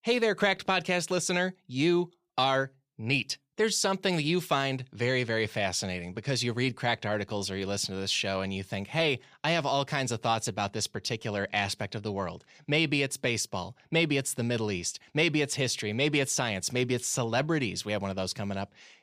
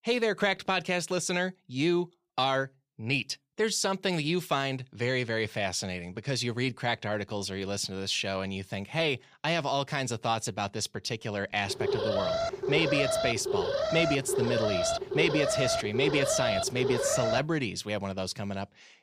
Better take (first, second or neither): first